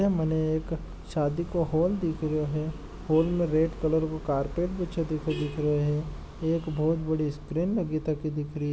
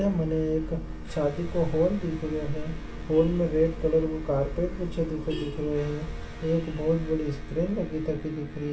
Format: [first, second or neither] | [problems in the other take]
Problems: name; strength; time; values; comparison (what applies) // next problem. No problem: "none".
first | background sound (Electric guitar); 17 dB below the speech // room echo; dies away in 0.3 s